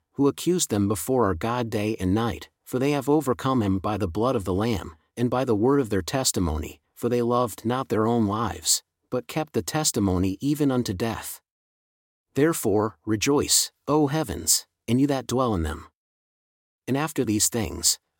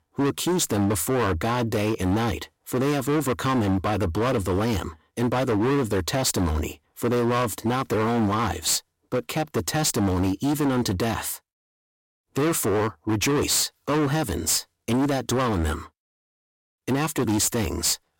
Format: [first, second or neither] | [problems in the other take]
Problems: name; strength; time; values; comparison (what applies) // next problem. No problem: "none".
first | distortion; heavy; 23% of the sound clipped